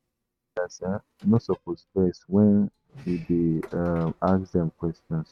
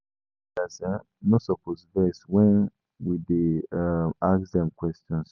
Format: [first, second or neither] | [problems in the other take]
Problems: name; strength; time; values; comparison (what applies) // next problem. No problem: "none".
second | noise reduction (neural mask model RNNoise)